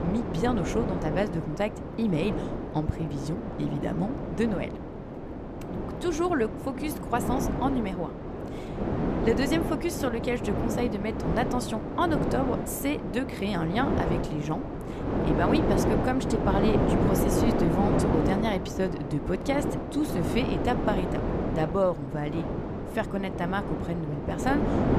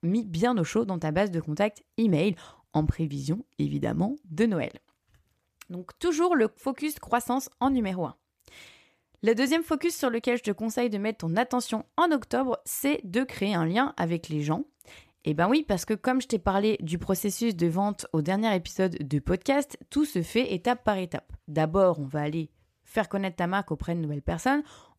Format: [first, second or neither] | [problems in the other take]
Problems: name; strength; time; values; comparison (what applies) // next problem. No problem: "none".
second | wind noise on the microphone; heavy; 2 dB below the speech